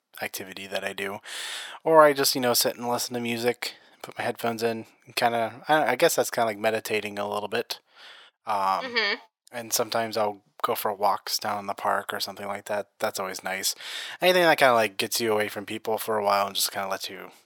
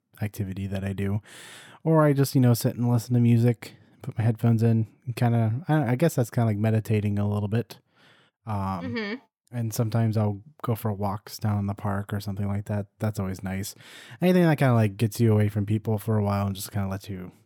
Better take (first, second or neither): second